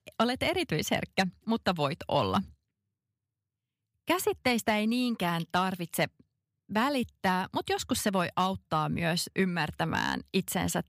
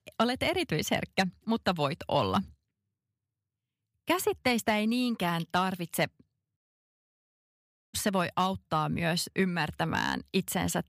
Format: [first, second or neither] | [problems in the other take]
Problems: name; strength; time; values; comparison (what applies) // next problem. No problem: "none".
first | audio cutting out; at 6.5 s for 1.5 s